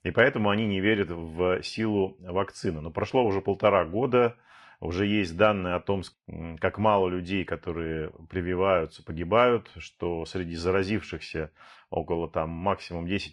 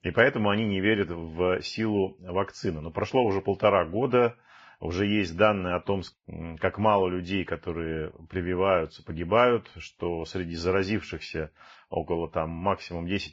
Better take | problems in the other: first | garbled, watery; badly; slightly in the first

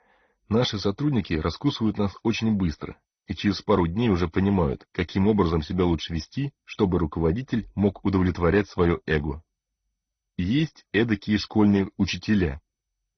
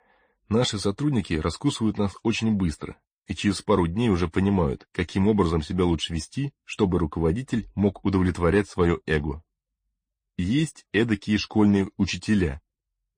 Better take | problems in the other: second | garbled, watery; badly; nothing above 6 kHz

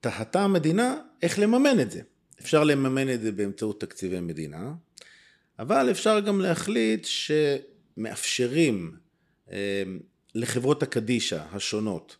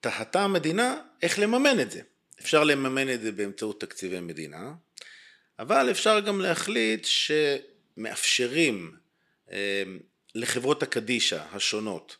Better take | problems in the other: first | thin; very slightly; fading below 800 Hz

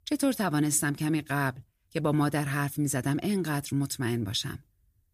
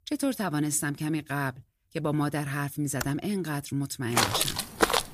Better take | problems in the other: first | keyboard typing; very faint; at 3 s; peak 8 dB below the speech // footsteps; loud; at 4 s; peak 6 dB above the speech

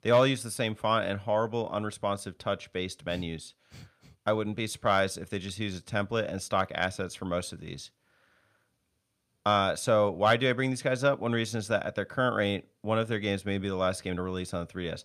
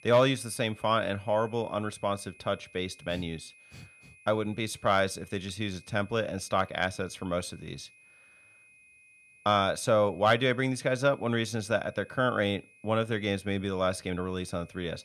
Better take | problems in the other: first | high-pitched whine; faint; throughout; 2.5 kHz, 25 dB below the speech

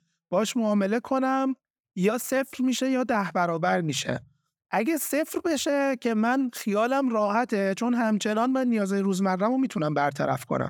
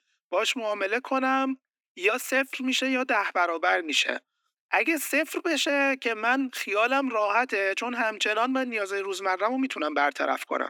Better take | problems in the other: first | thin; very slightly; fading below 250 Hz

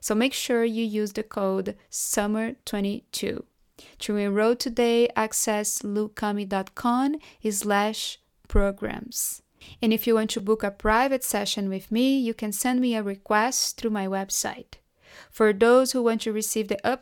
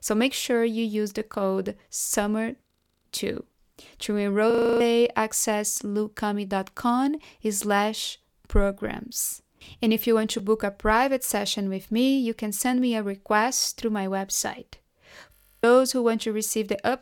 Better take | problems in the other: first | audio freezing; at 2.5 s, at 4.5 s and at 15 s

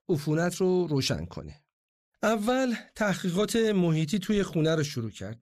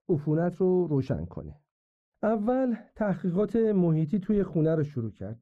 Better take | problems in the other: first | muffled; very; fading above 2 kHz

